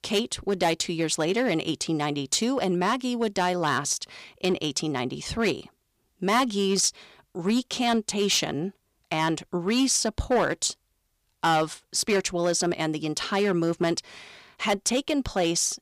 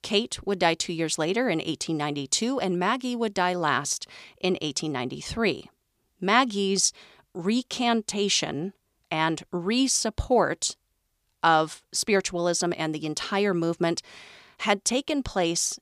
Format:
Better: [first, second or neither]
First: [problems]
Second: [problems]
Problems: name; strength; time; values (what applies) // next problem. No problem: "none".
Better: second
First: distortion; slight; 5% of the sound clipped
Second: none